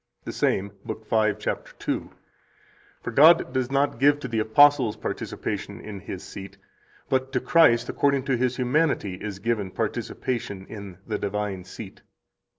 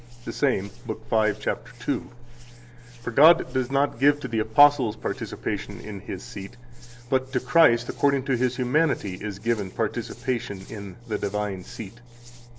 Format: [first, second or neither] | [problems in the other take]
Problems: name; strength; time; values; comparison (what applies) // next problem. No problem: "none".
first | background sound (Engine + Hands); 17 dB below the speech